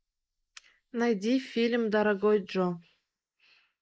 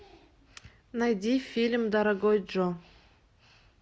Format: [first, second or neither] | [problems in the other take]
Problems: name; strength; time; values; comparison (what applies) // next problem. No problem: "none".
second | noise reduction (neural mask model Resemble Enhance denoiser)